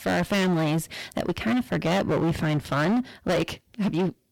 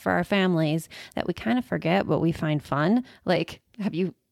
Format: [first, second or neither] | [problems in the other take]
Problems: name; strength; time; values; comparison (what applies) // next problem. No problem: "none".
second | distortion; heavy; 21% of the sound clipped